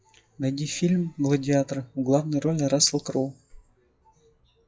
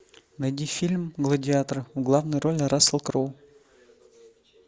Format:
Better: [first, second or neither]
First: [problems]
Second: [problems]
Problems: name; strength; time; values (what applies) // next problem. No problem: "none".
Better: second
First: noise reduction (classical method WPE with log-MMSE)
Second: none